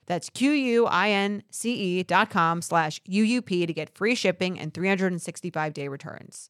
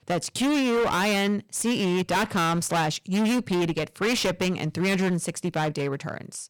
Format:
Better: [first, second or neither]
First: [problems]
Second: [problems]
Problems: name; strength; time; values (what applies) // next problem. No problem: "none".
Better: first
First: none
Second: distortion; heavy; 27% of the sound clipped